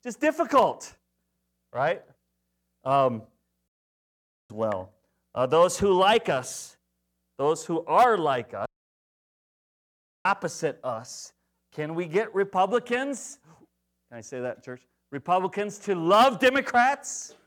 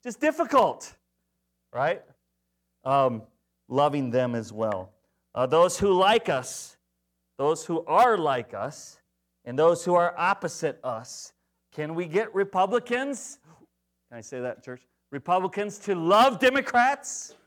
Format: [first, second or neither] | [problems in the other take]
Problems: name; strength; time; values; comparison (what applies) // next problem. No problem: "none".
second | audio cutting out; at 3.5 s for 1 s and at 8.5 s for 1.5 s